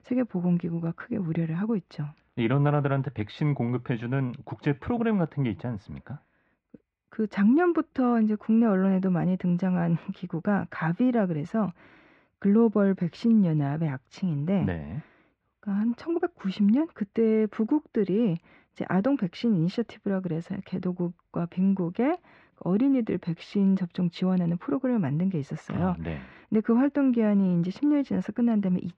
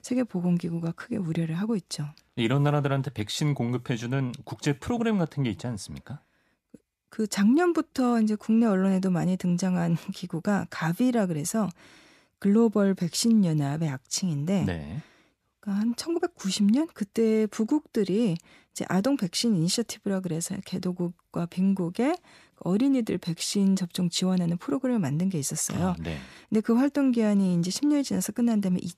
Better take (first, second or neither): second